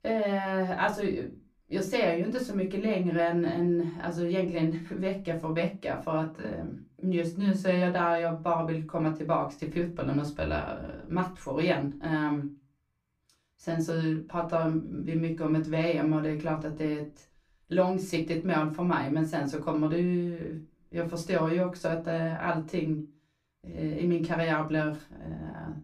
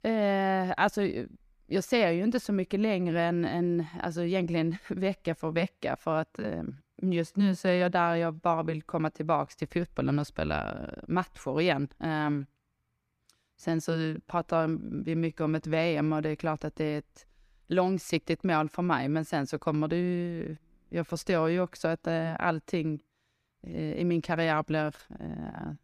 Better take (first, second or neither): second